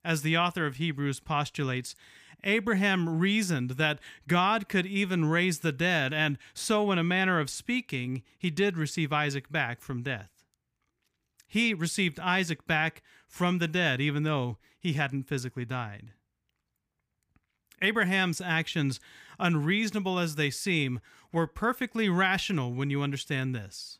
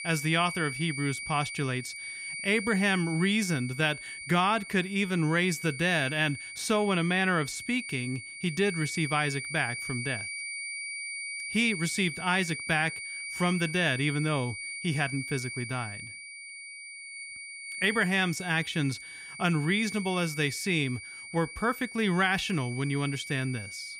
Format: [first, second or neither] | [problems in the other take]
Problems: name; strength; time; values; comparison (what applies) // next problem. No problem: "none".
first | high-pitched whine; loud; throughout; 2 kHz, 8 dB below the speech